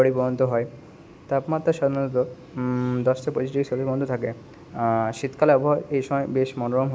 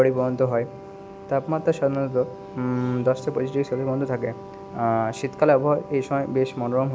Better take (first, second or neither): first